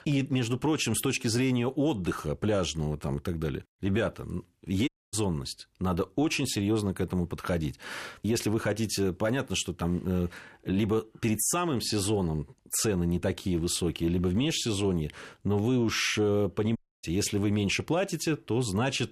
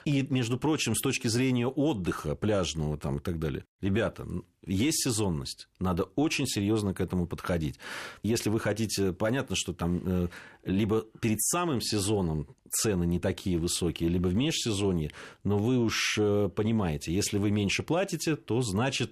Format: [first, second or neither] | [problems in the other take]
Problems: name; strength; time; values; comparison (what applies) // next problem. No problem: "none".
second | audio cutting out; at 5 s and at 17 s